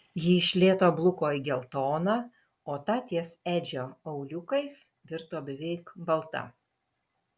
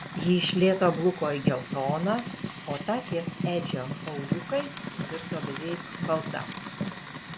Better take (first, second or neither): first